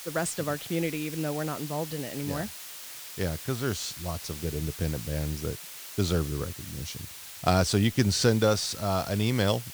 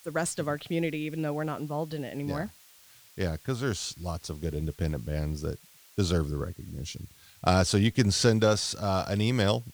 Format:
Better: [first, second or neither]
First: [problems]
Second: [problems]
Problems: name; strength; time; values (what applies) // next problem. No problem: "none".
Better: second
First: hiss; loud; throughout; 10 dB below the speech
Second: hiss; faint; throughout; 25 dB below the speech